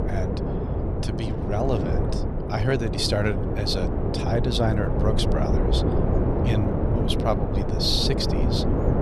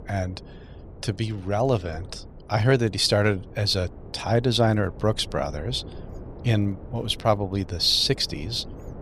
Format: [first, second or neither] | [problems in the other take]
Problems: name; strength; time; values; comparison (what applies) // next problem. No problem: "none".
second | wind noise on the microphone; heavy; 2 dB below the speech; occasional gusts in the second